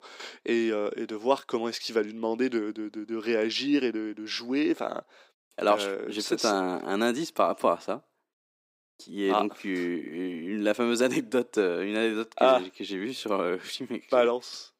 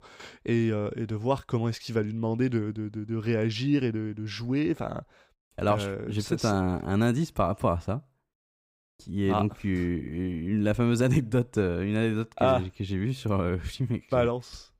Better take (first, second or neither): second